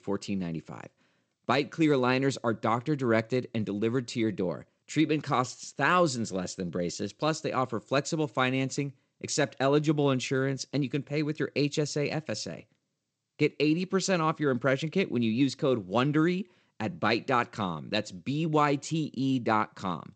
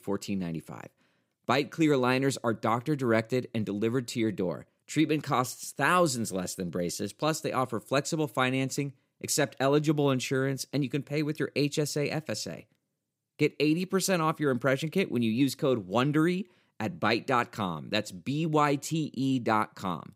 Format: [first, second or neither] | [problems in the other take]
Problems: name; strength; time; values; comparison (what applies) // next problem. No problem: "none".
second | garbled, watery; slightly; nothing above 8 kHz